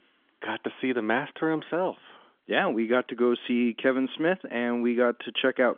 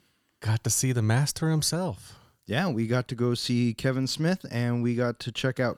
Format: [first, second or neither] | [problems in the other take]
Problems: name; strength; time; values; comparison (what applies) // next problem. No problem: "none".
second | phone-call audio; nothing above 3.5 kHz